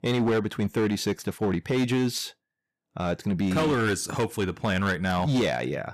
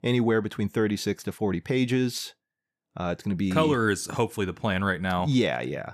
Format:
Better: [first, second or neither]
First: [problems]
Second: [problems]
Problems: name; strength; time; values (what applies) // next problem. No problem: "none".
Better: second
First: distortion; slight; 12% of the sound clipped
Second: none